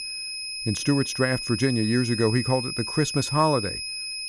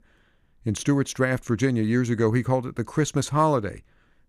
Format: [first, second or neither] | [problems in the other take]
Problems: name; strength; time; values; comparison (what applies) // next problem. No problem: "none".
second | high-pitched whine; loud; throughout; 5 kHz, 5 dB below the speech